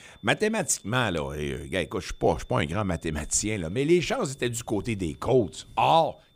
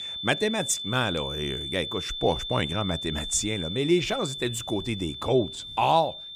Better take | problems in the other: first | high-pitched whine; loud; throughout; 3.5 kHz, 6 dB below the speech; faint in the first

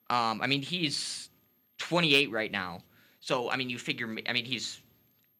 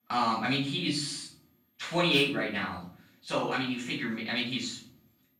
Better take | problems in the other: first | off-mic speech; far // room echo; noticeable; dies away in 0.4 s

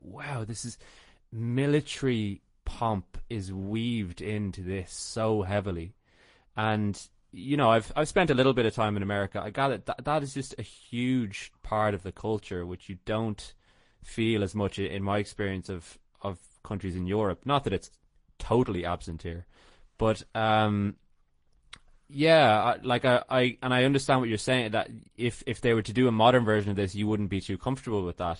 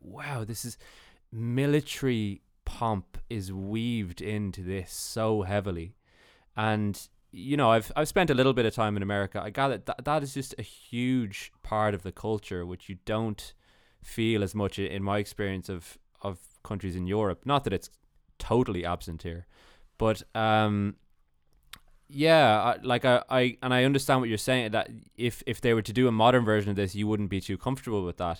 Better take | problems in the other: second | garbled, watery; slightly; nothing above 10.5 kHz

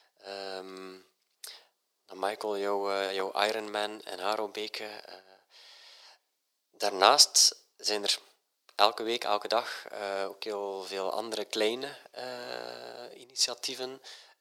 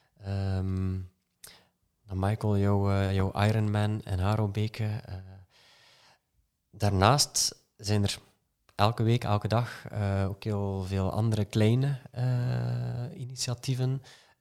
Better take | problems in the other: second | thin; very; fading below 400 Hz

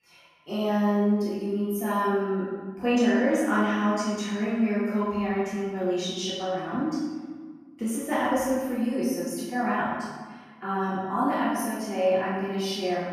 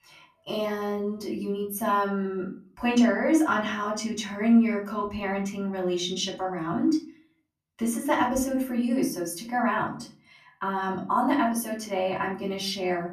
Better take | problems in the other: second | room echo; strong; dies away in 1.2 s; slight in the second // off-mic speech; far; far in the second

